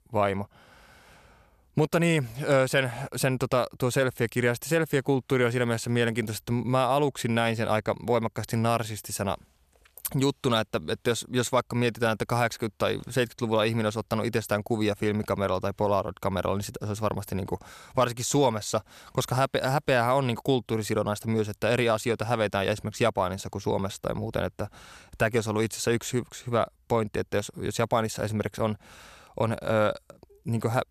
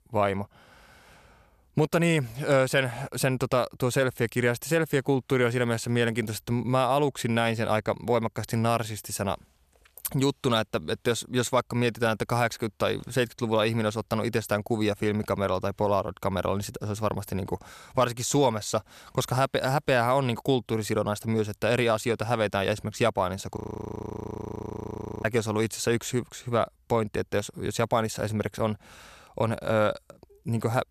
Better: first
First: none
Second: audio freezing; at 24 s for 1.5 s

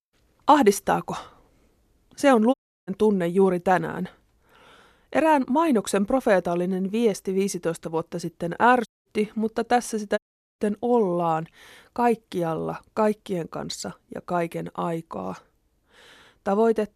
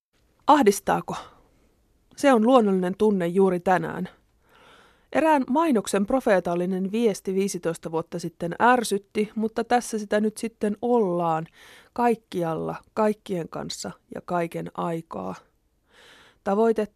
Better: second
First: audio cutting out; at 2.5 s, at 9 s and at 10 s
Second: none

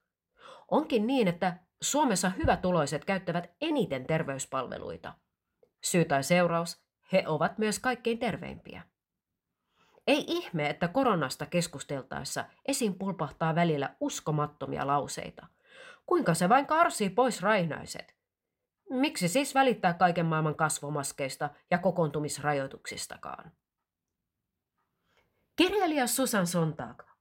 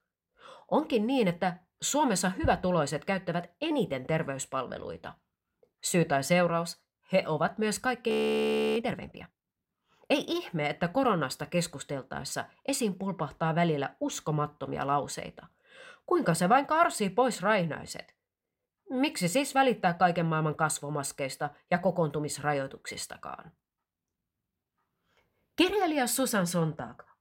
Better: first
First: none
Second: audio freezing; at 8 s for 0.5 s

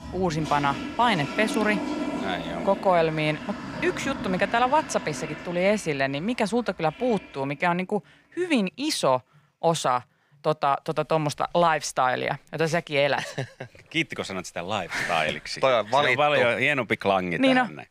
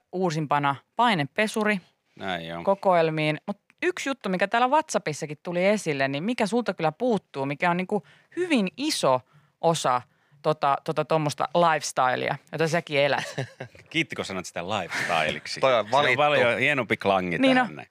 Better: second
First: household noises; loud; throughout; 9 dB below the speech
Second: none

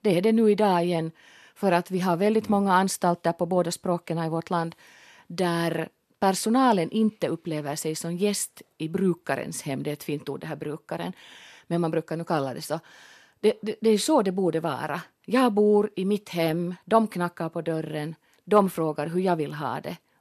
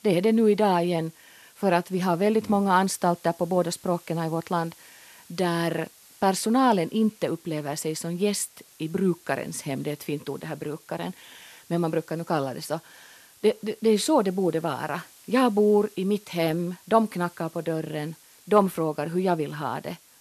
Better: first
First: none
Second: hiss; faint; throughout; 25 dB below the speech

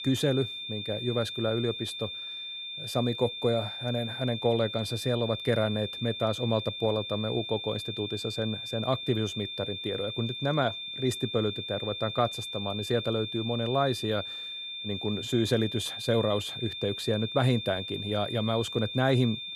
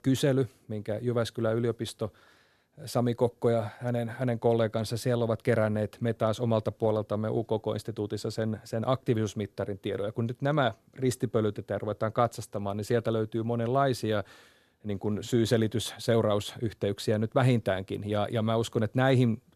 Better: second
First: high-pitched whine; loud; throughout; 3.5 kHz, 5 dB below the speech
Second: none

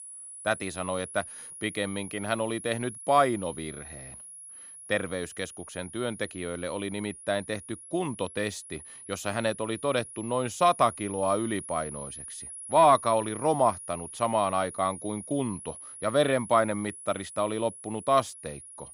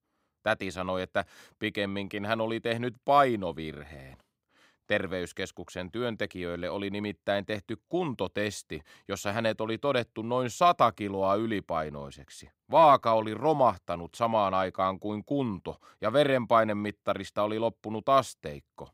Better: second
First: high-pitched whine; noticeable; throughout; 10.5 kHz, 15 dB below the speech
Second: none

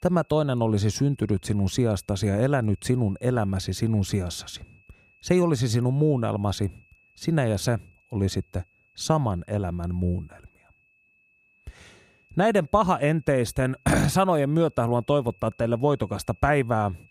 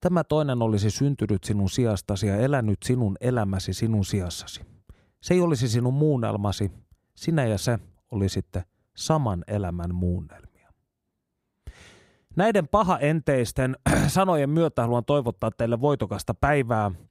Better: second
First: high-pitched whine; faint; throughout; 2.5 kHz, 35 dB below the speech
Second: none

